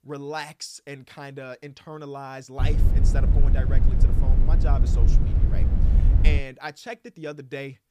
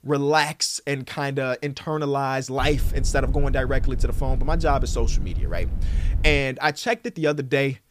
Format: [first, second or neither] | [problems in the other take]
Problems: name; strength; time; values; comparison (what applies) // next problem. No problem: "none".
second | low rumble; loud; from 2.5 to 6.5 s; 3 dB below the speech; faint in the second